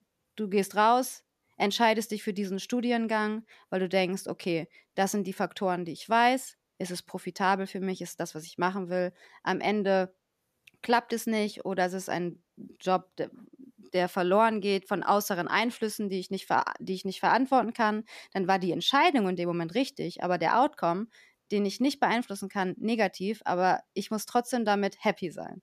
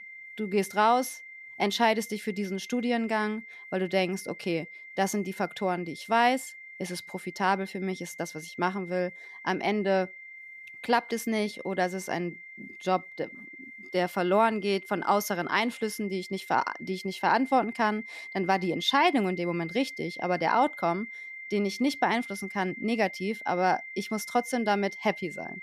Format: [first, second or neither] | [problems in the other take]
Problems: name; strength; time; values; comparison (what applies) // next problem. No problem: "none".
first | high-pitched whine; noticeable; throughout; 2 kHz, 15 dB below the speech